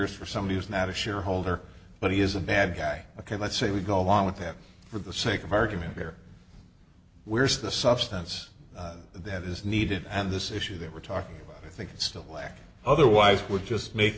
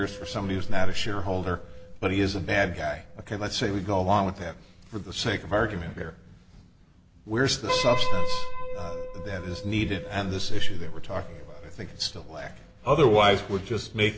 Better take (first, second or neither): first